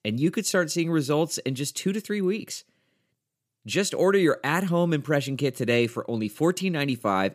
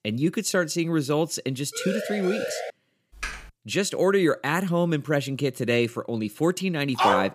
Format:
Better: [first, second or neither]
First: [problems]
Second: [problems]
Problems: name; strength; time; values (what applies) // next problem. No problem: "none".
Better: first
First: none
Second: siren; noticeable; at 1.5 s; peak 5 dB below the speech // keyboard typing; noticeable; at 3 s; peak 10 dB below the speech // dog barking; very faint; at 7 s; peak 2 dB above the speech